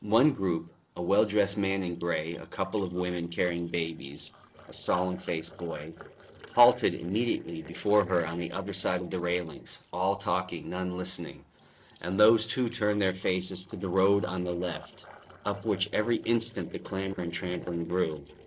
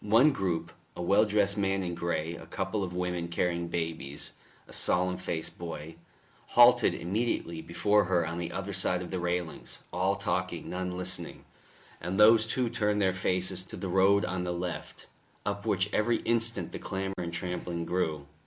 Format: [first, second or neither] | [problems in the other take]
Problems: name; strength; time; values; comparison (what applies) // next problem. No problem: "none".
second | noise reduction (neural separator model SepFormer DNS4)